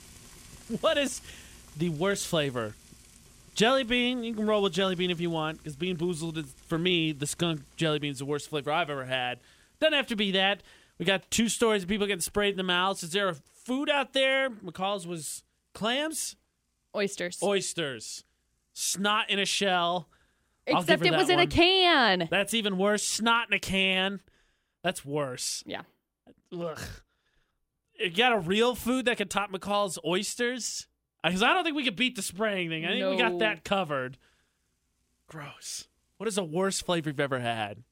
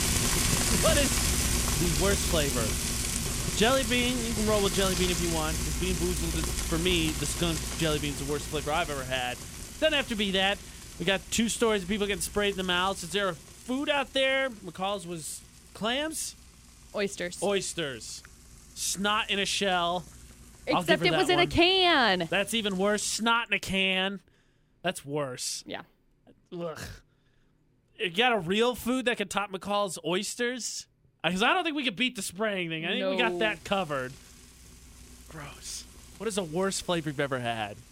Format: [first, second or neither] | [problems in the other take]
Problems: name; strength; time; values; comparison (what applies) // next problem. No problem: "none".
first | household noises; loud; throughout; 2 dB below the speech; faint in the first